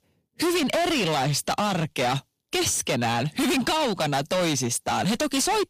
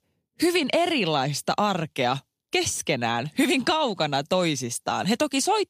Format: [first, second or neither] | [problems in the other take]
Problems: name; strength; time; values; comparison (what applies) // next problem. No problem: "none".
second | distortion; heavy; 27% of the sound clipped